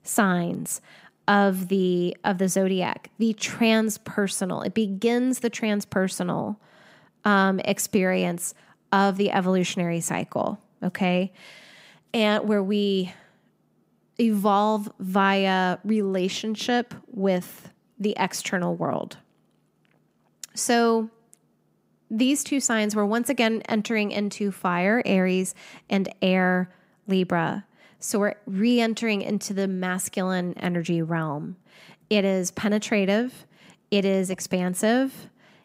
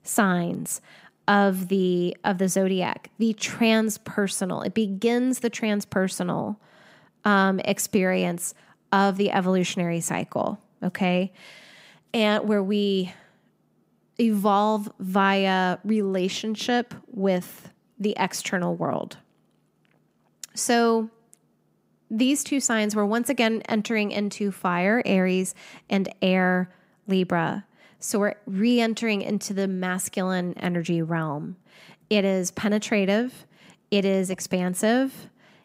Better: neither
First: none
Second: none

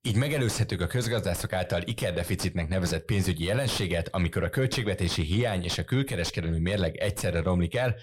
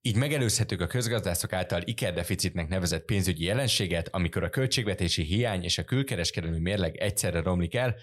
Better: second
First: distortion; slight; 9 dB below the speech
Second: none

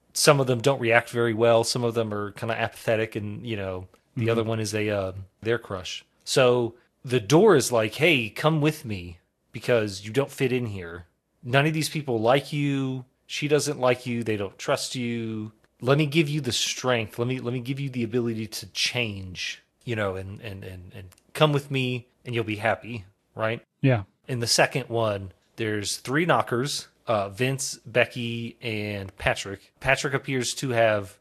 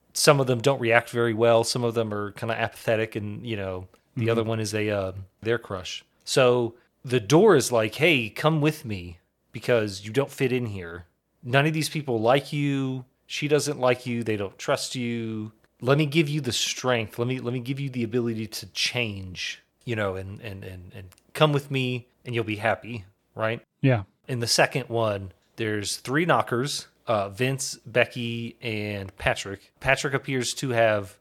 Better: second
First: garbled, watery; slightly; nothing above 12.5 kHz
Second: none

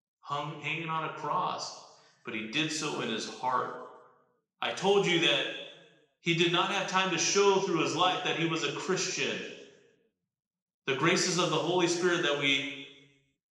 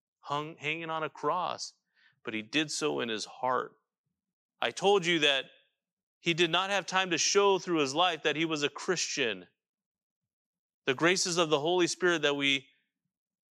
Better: second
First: room echo; noticeable; dies away in 1 s // off-mic speech; somewhat distant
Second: none

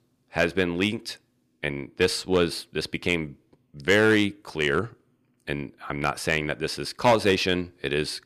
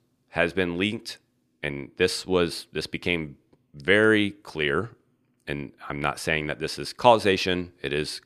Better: second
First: distortion; slight; 1.8% of the sound clipped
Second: none

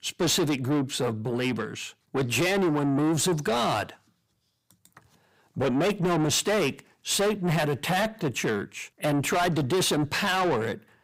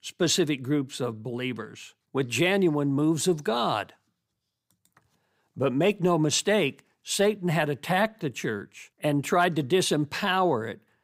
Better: second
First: distortion; heavy; 7 dB below the speech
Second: none

